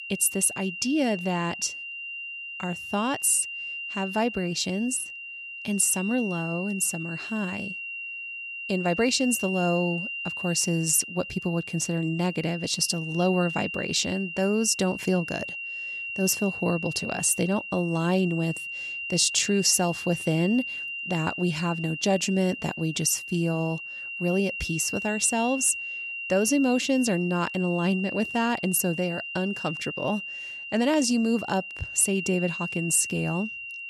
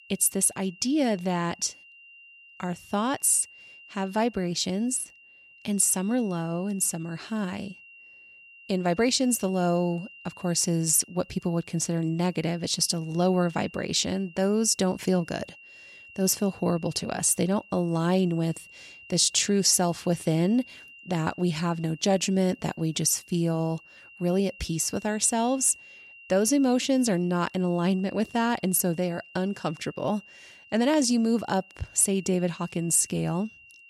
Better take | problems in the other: second | high-pitched whine; loud; throughout; 3 kHz, 7 dB below the speech; faint in the second

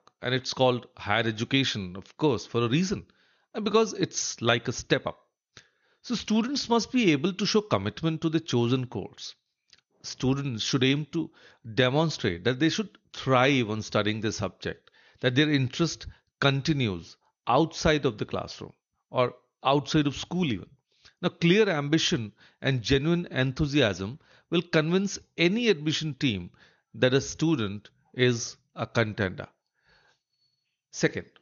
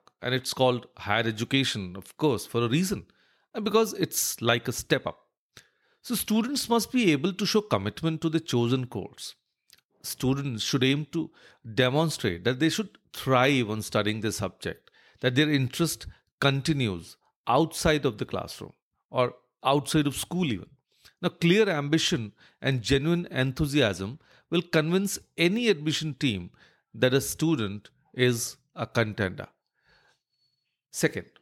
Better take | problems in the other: second | garbled, watery; slightly; nothing above 6.5 kHz

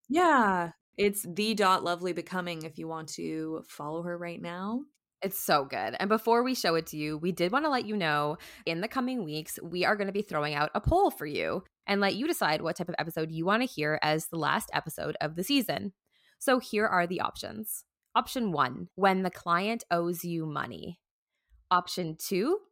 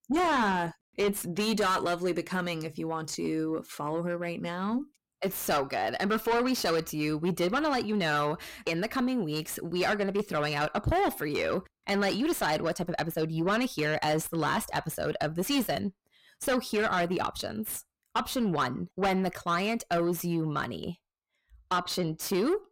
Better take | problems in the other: first | distortion; heavy; 6 dB below the speech

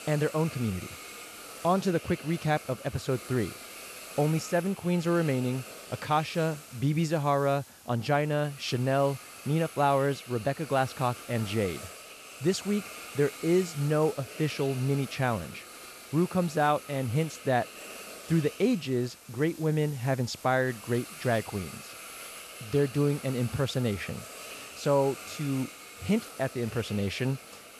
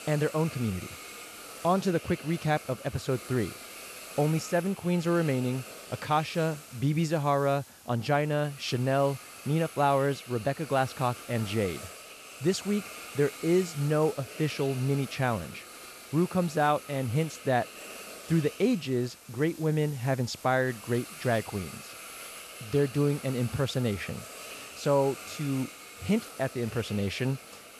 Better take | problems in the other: neither | hiss; noticeable; throughout; 15 dB below the speech; the same in both

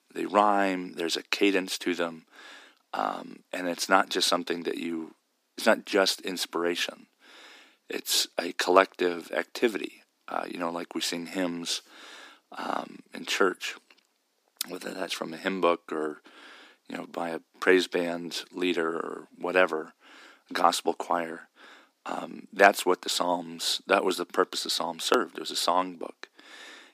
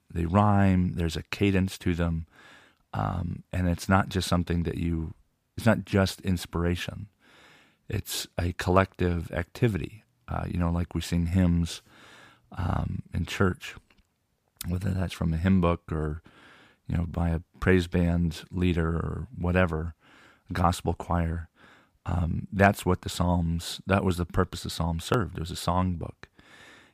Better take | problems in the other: second | thin; somewhat; fading below 250 Hz

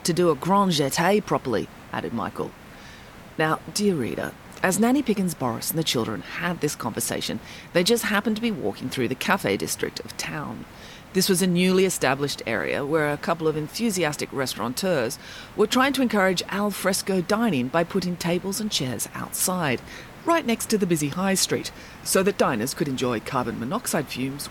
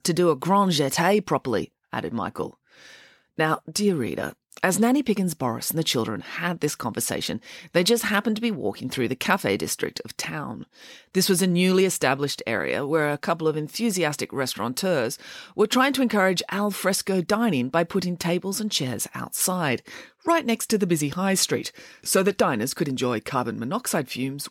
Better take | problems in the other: second | hiss; faint; throughout; 20 dB below the speech

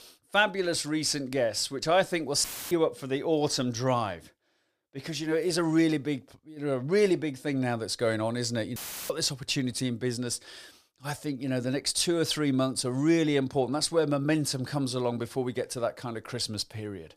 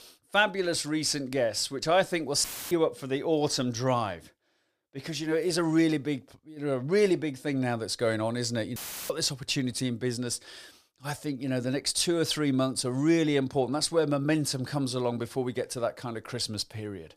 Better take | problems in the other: neither | audio cutting out; filled with static; at 2.5 s and at 9 s; the same in both

